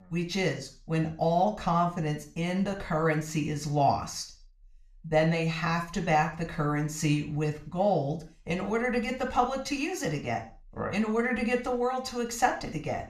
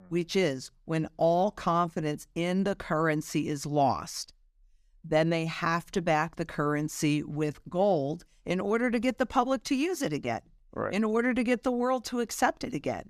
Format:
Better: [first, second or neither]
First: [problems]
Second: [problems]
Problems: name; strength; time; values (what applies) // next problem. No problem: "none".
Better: second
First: room echo; slight; dies away in 0.4 s // off-mic speech; somewhat distant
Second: none